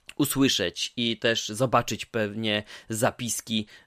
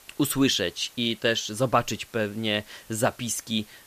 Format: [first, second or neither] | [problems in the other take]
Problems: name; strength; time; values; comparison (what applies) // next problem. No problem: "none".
first | hiss; faint; throughout; 25 dB below the speech